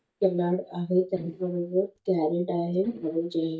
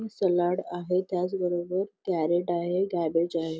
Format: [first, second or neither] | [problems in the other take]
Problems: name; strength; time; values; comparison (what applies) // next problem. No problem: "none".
second | noise reduction (neural mask model DeepFilterNet 3)